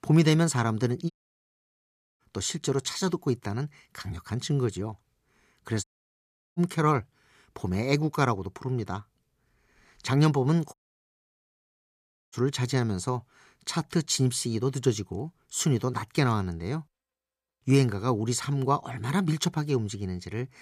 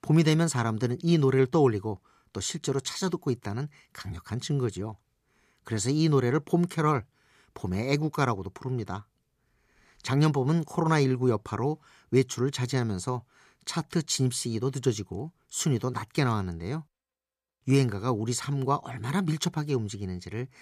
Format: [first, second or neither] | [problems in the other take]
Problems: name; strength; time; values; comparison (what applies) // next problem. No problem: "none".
second | audio cutting out; at 1 s for 1 s, at 6 s for 0.5 s and at 11 s for 1.5 s